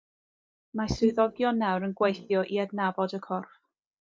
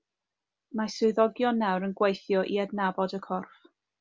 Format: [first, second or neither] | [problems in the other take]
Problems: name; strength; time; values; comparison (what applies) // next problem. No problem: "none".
second | noise reduction (neural mask model DeepFilterNet 3)